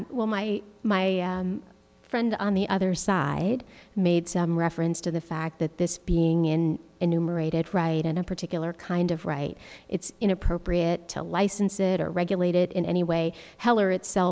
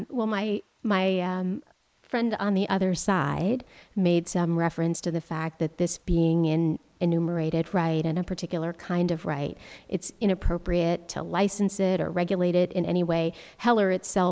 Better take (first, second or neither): first